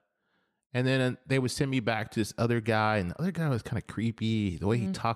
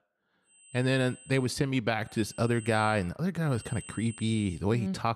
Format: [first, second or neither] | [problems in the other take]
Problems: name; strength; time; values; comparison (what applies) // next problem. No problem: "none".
first | high-pitched whine; noticeable; at 0.5 s, at 2 s and at 3.5 s; 8 kHz, 20 dB below the speech